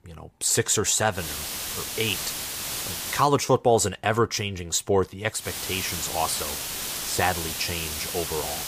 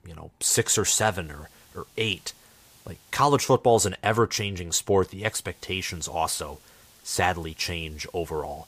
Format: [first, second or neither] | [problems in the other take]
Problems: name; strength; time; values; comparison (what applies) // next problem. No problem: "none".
second | hiss; loud; from 1 to 3 s and from 5.5 s on; 4 dB below the speech; faint in the second